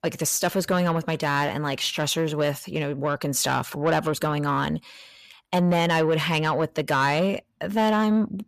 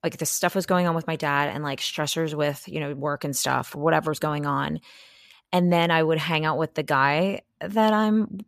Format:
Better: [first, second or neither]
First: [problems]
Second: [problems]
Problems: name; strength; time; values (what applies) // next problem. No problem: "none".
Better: second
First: distortion; slight; 10 dB below the speech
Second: none